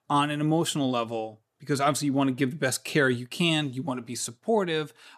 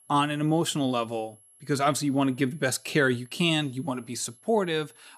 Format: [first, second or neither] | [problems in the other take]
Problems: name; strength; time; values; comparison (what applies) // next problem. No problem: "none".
first | high-pitched whine; faint; throughout; 11 kHz, 25 dB below the speech